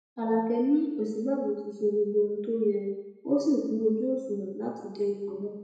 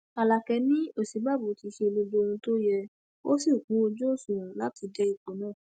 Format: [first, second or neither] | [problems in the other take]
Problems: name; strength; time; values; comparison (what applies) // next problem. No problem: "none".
second | room echo; dies away in 1 s